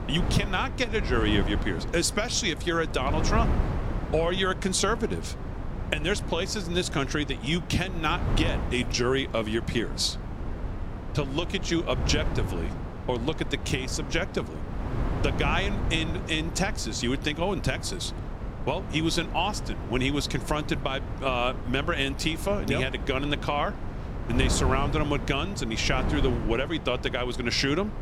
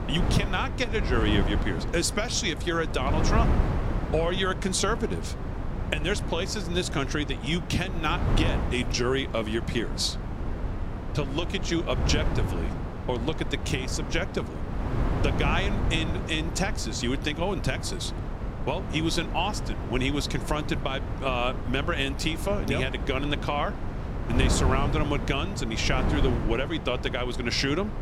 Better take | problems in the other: first | wind noise on the microphone; heavy; 8 dB below the speech; occasional gusts in the first

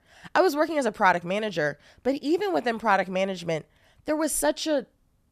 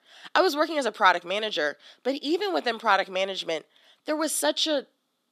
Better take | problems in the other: first | thin; very slightly; fading below 250 Hz

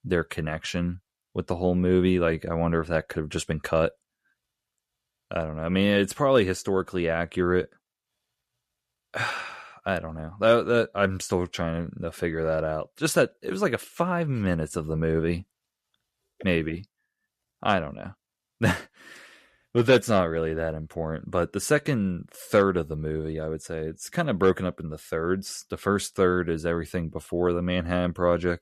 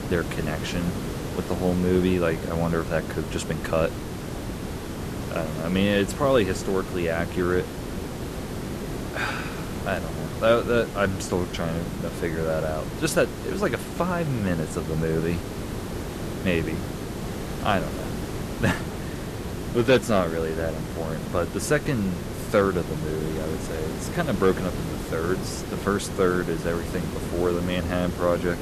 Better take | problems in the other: first | hiss; loud; throughout; 6 dB below the speech

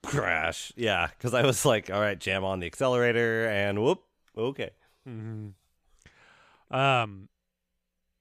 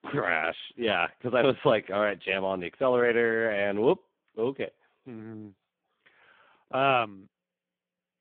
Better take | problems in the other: first | phone-call audio; poor line

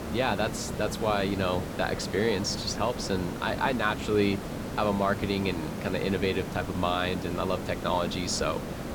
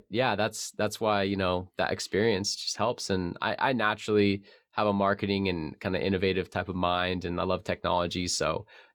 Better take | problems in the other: second | hiss; loud; throughout; 6 dB below the speech

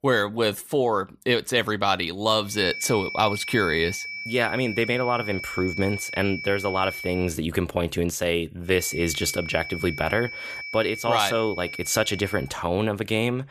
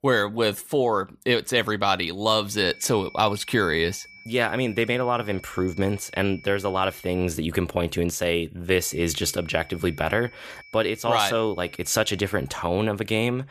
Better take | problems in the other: second | high-pitched whine; loud; from 2.5 to 7 s and from 9 to 12 s; 2.5 kHz, 8 dB below the speech; faint in the second

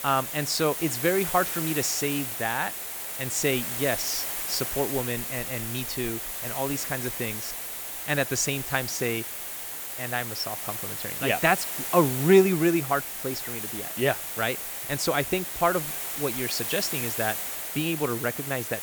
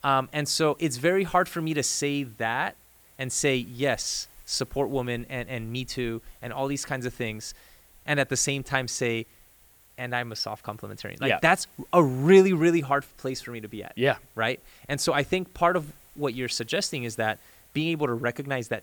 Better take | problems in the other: second | hiss; loud; throughout; 3 dB below the speech; faint in the second

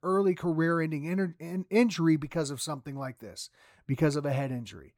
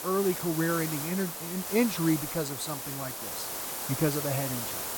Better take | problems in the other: first | hiss; loud; throughout; 3 dB below the speech

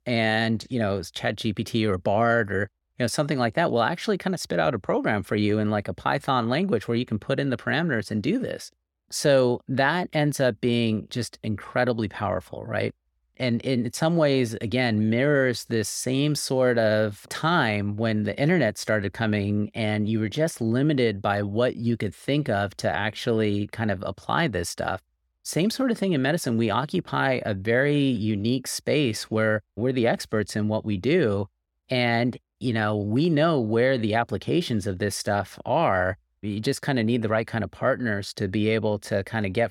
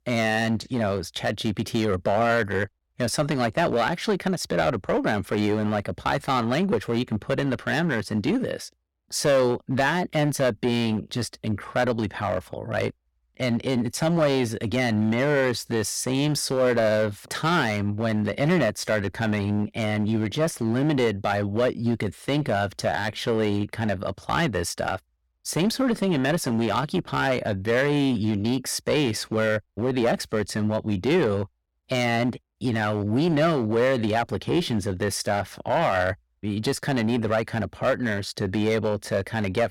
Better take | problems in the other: first | distortion; slight; 7% of the sound clipped

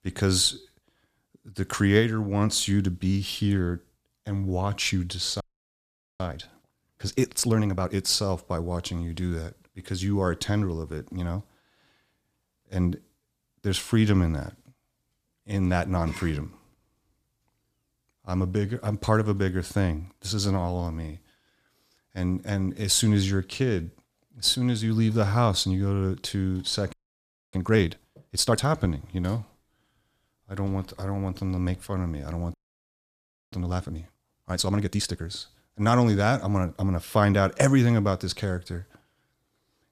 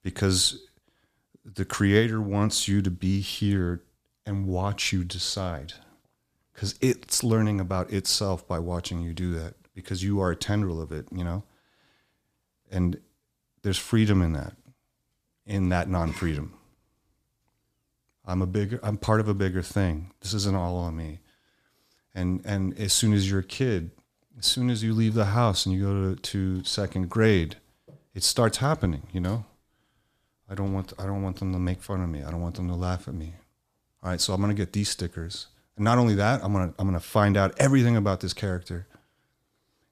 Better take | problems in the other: second | audio freezing; at 5.5 s for 1 s, at 27 s for 0.5 s and at 33 s for 1 s

